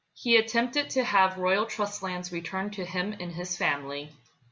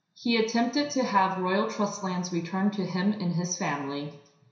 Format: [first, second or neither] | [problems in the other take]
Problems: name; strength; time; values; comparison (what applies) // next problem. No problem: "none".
first | room echo; dies away in 0.6 s